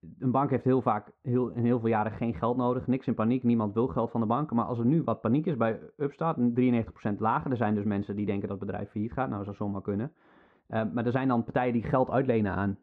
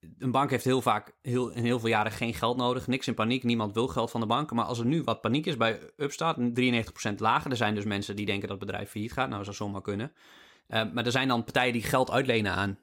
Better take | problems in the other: second | muffled; very; fading above 1 kHz

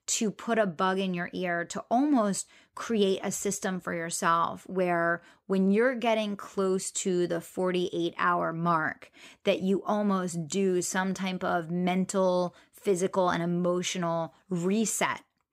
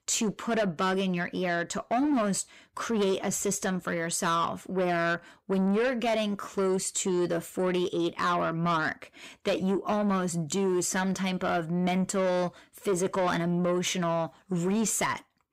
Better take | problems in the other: first | distortion; slight; 10 dB below the speech

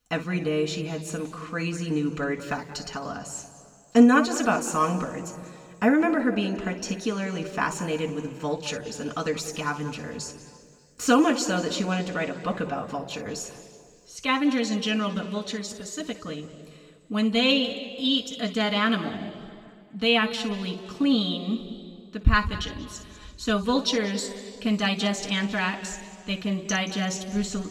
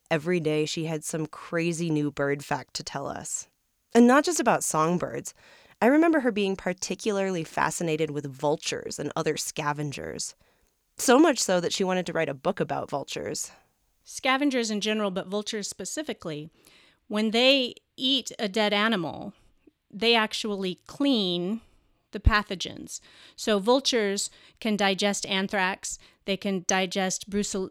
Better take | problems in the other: second | room echo; slight; dies away in 2 s // off-mic speech; somewhat distant

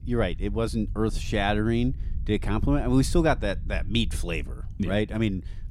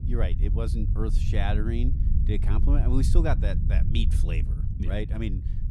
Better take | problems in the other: first | low rumble; loud; throughout; 7 dB below the speech; faint in the first

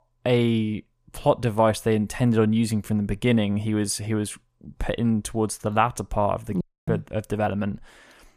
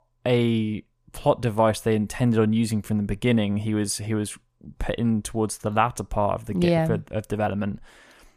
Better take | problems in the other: second | audio cutting out; at 6.5 s

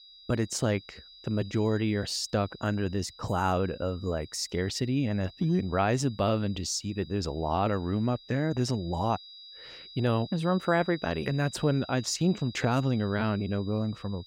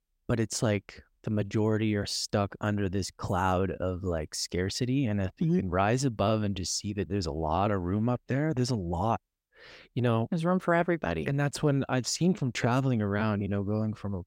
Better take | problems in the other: second | high-pitched whine; noticeable; throughout; 4 kHz, 20 dB below the speech

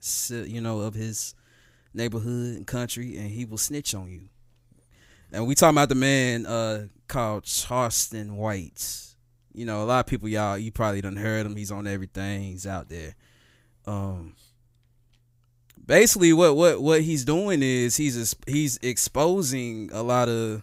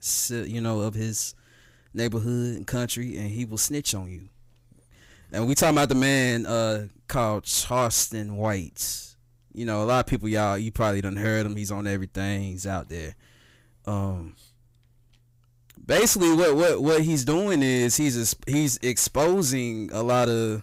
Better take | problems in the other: first | distortion; heavy; 6% of the sound clipped

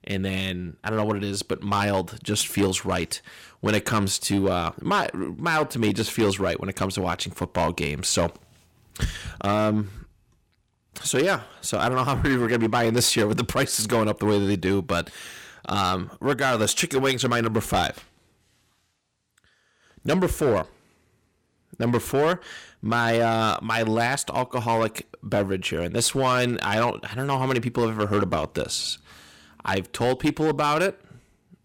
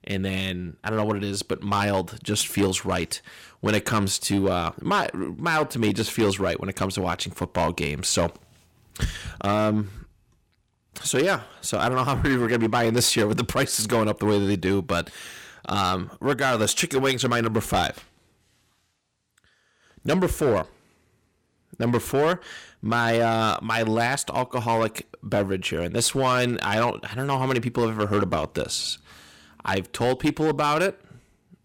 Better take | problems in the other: neither | distortion; slight; 6% of the sound clipped; the same in both

